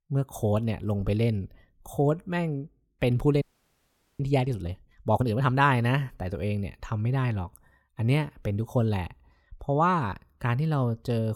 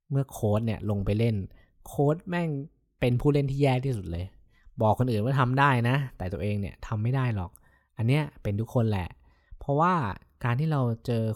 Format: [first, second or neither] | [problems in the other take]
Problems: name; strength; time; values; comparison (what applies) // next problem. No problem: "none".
second | audio freezing; at 3.5 s for 1 s